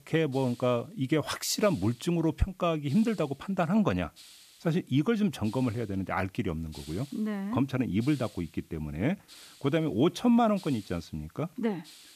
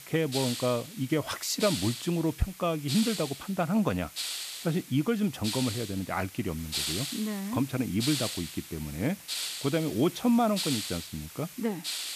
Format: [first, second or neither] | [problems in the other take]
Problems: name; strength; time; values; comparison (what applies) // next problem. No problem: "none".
first | hiss; loud; throughout; 5 dB below the speech; faint in the first